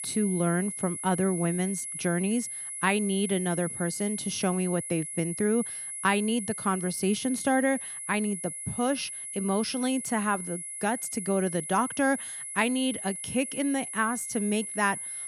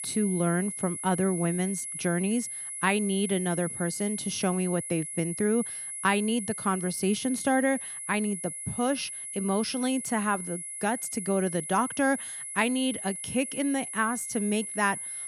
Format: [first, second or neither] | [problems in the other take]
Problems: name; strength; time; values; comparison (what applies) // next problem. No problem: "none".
neither | high-pitched whine; loud; throughout; 10.5 kHz, 6 dB below the speech; the same in both